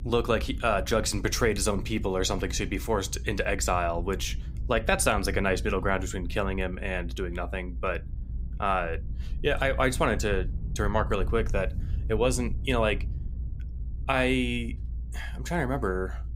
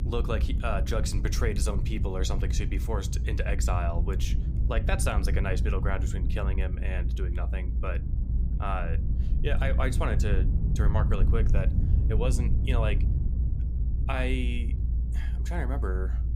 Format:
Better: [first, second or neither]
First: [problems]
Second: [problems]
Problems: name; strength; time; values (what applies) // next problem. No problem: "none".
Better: first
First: low rumble; faint; throughout; 25 dB below the speech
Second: low rumble; loud; throughout; 9 dB below the speech